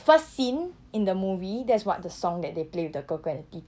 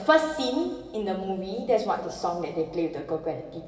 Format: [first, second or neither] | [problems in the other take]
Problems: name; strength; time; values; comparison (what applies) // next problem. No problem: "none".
first | room echo; dies away in 1.1 s